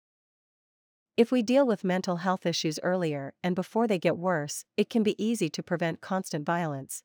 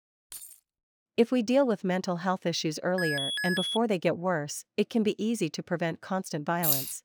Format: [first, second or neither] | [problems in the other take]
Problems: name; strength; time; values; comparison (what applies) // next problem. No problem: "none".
first | jangling keys; faint; at 0.5 s; peak 15 dB below the speech // alarm; loud; at 3 s; peak level with the speech // jangling keys; loud; at 6.5 s; peak 3 dB above the speech